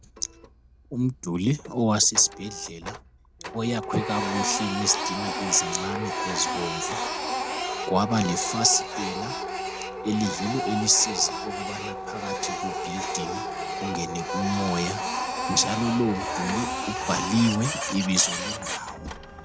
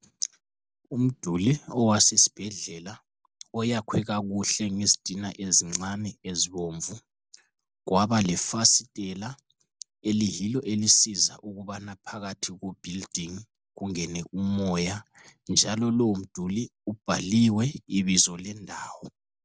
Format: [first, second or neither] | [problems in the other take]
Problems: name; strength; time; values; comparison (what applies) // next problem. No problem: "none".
second | background sound (Printer); 4 dB below the speech